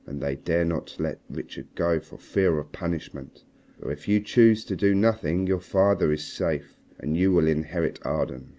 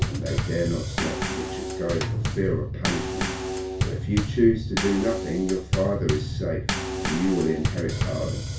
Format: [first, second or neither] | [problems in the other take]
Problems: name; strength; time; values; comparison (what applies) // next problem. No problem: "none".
first | background sound (Bass drum / Snare drum / Drum kit); as loud as the speech // room echo; dies away in 0.3 s